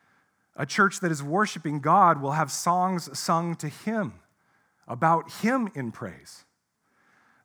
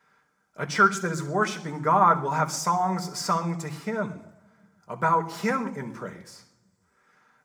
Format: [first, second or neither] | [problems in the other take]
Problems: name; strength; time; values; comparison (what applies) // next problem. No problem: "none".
first | room echo; very slight; dies away in 0.6 s